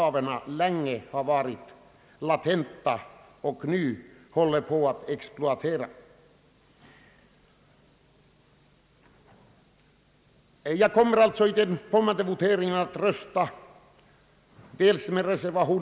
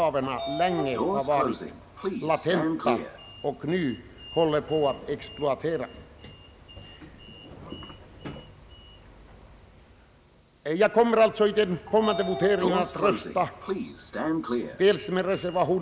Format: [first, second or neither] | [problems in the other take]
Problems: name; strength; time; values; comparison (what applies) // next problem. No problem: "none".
first | background sound (Sliding door); 7 dB below the speech